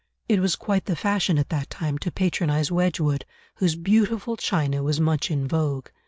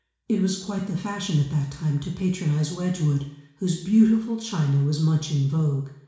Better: first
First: none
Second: room echo; dies away in 0.7 s

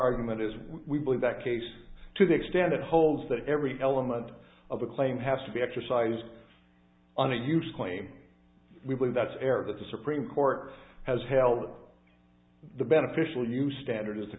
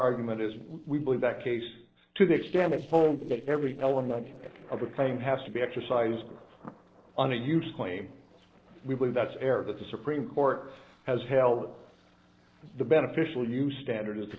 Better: first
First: none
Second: noise reduction (neural separator model SepFormer DNS4)

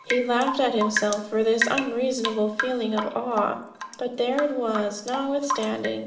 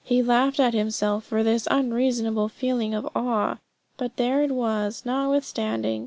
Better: second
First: background sound (Drip / Rain); 7 dB below the speech // room echo; dies away in 1.7 s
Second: none

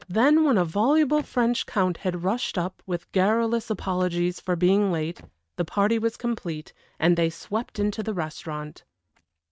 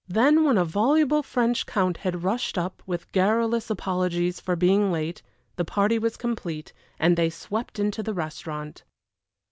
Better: second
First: noise reduction (neural mask model RNNoise)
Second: none

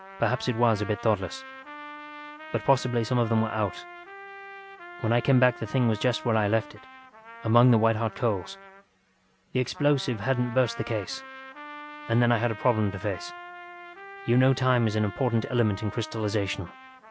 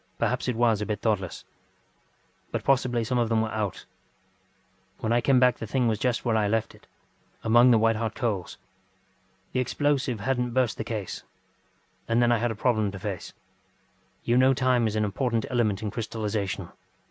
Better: second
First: background sound (Trumpet); 16 dB below the speech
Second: none

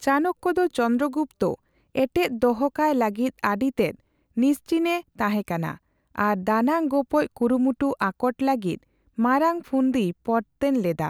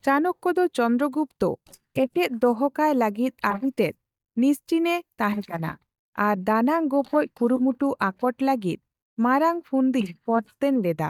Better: first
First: none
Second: noise reduction (neural mask model DeepFilterNet 3)

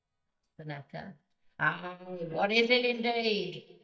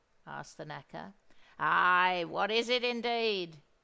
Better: second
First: noise reduction (neural mask model DeepFilterNet 3)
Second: none

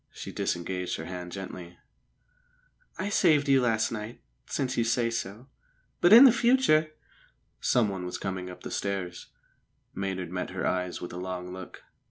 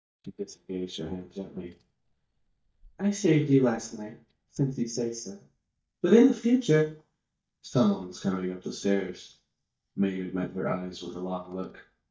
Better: first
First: none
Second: noise reduction (neural mask model DeepFilterNet 3)

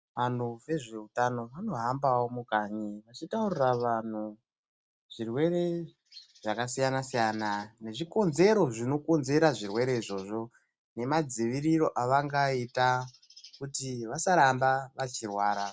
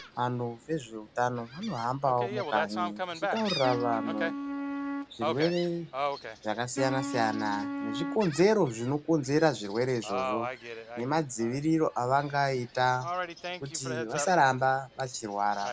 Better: first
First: none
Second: background sound (Gull, seagull + Wind instrument, woodwind instrument); 7 dB below the speech

